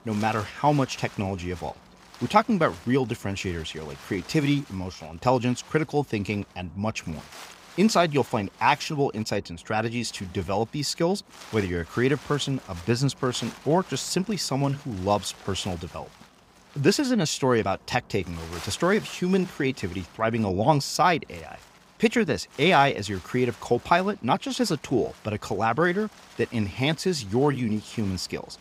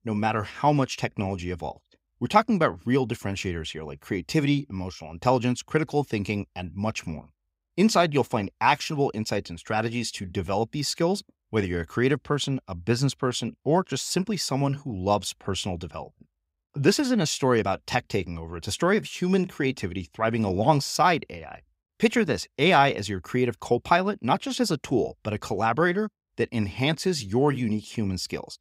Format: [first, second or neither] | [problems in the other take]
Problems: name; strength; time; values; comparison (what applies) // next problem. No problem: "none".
second | wind noise on the microphone; occasional gusts; 20 dB below the speech